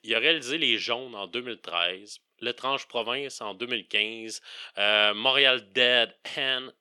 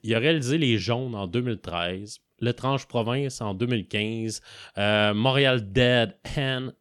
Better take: second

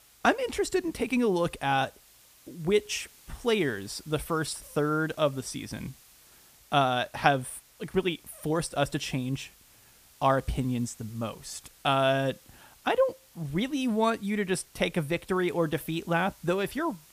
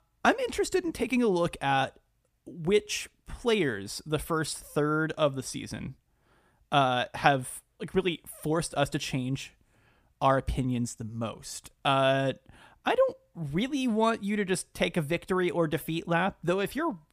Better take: second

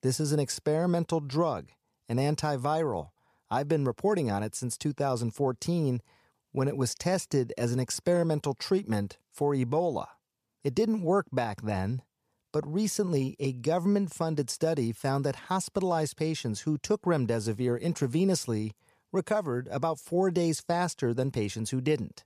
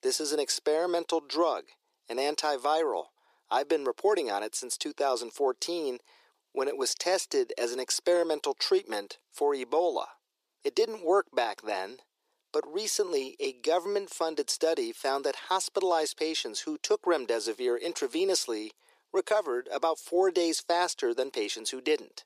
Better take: first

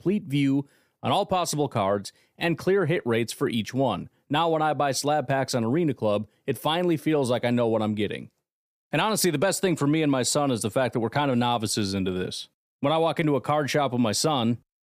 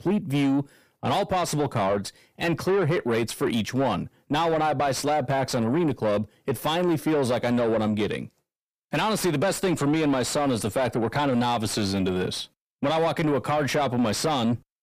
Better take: first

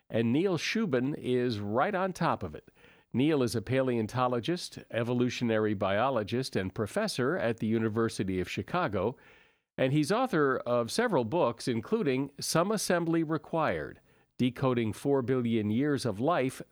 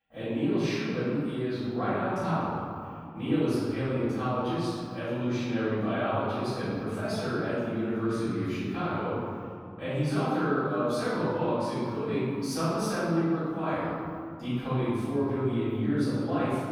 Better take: first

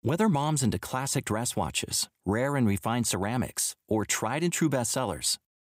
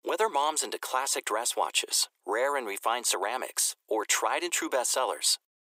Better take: first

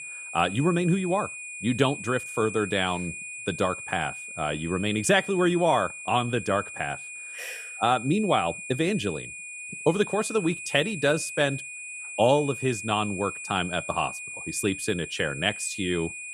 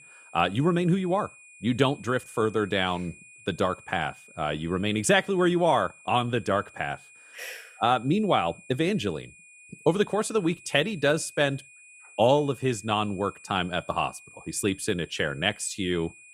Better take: second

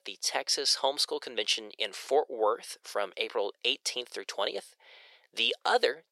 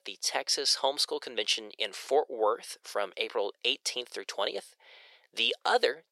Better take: neither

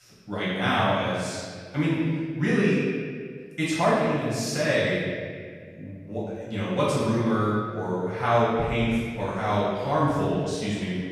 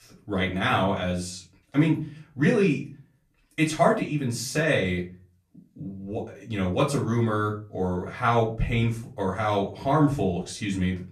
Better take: second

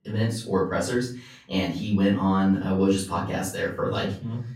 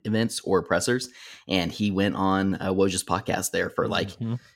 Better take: second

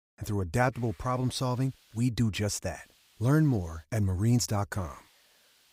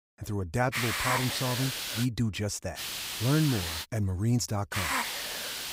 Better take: first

